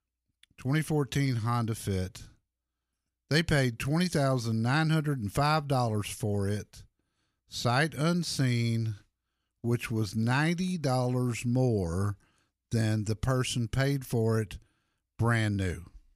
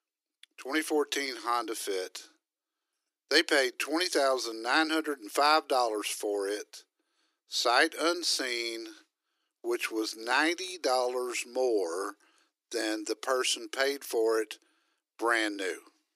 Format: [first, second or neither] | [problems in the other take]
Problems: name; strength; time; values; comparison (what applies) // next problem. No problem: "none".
first | thin; very; fading below 300 Hz